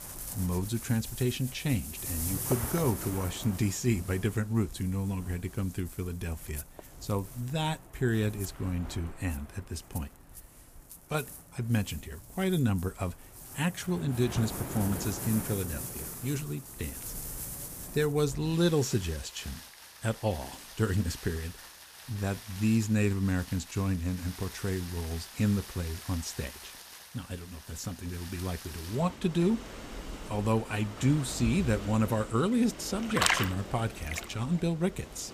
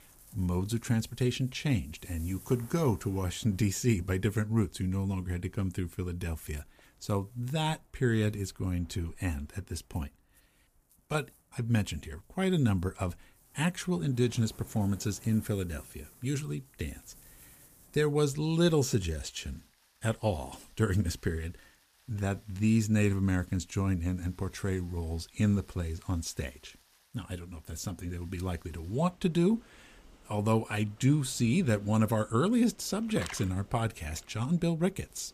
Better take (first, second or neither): second